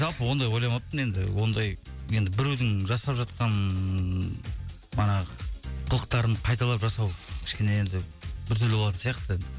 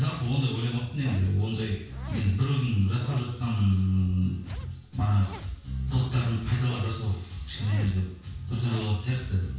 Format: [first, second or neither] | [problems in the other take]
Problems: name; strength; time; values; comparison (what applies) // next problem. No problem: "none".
first | background sound (Zipper (clothing)); 20 dB below the speech // room echo; dies away in 0.6 s